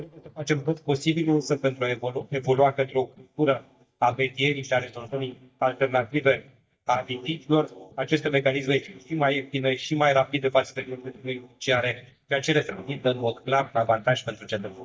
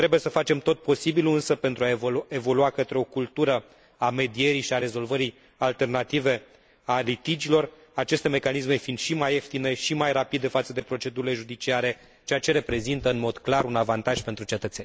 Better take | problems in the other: second | noise reduction (neural mask model DeepFilterNet 3)

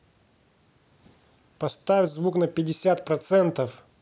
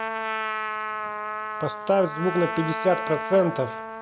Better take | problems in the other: first | background sound (Trumpet); 4 dB below the speech

